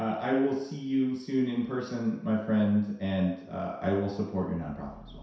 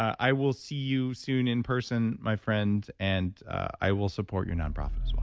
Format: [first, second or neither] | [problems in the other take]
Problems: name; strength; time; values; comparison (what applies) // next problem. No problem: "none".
second | room echo; dies away in 0.7 s